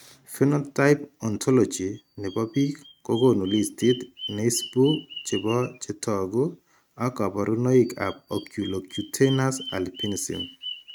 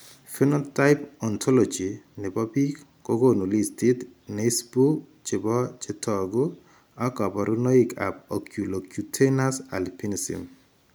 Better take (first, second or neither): second